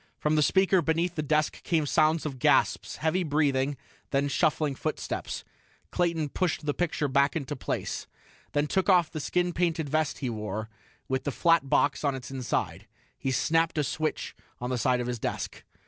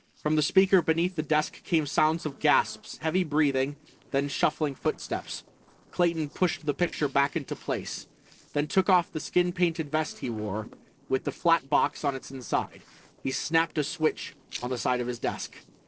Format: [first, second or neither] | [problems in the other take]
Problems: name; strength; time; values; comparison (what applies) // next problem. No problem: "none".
first | noise reduction (neural separator model SepFormer DNS4)